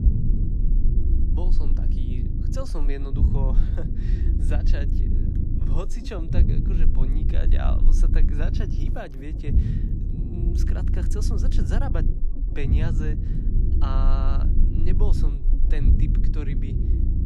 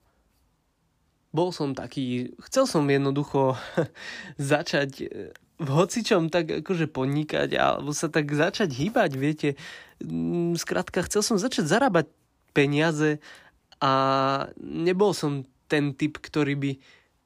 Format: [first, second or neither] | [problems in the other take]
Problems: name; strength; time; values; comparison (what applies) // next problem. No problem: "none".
second | low rumble; loud; throughout; 2 dB below the speech